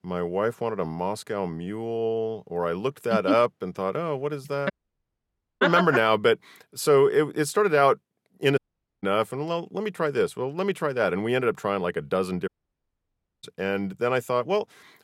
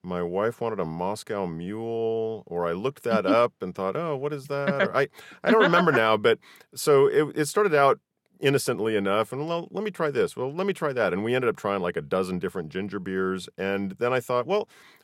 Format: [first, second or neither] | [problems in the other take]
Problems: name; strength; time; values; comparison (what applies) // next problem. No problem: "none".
second | audio cutting out; at 4.5 s for 1 s, at 8.5 s and at 12 s for 1 s